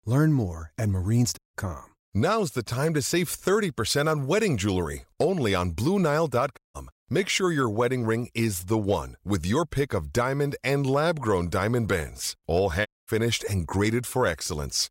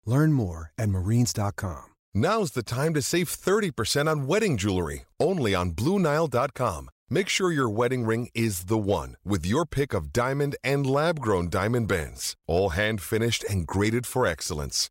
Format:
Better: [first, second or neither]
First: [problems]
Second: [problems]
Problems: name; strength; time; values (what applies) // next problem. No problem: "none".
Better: second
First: audio cutting out; at 1.5 s, at 6.5 s and at 13 s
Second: none